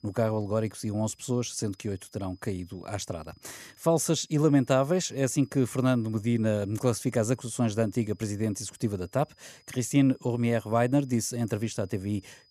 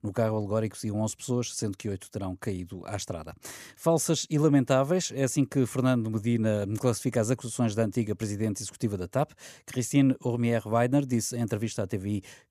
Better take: second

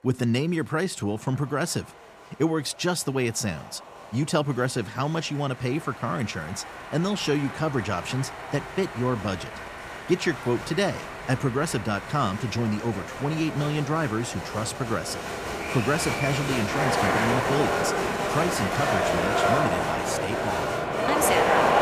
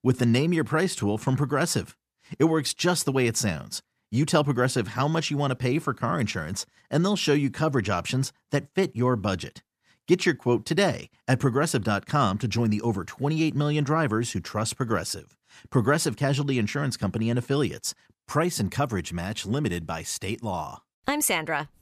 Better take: second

